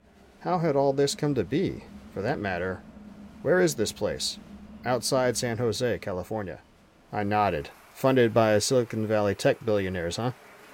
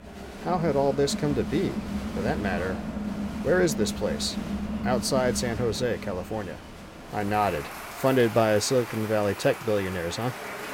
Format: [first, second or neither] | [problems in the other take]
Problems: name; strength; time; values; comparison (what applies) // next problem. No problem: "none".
first | crowd noise; loud; throughout; 7 dB below the speech; faint in the first